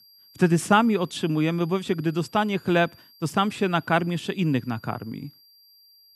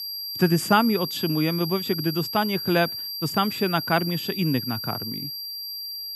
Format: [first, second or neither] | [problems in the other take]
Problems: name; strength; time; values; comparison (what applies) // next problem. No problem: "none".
first | high-pitched whine; loud; throughout; 4.5 kHz, 5 dB below the speech; faint in the first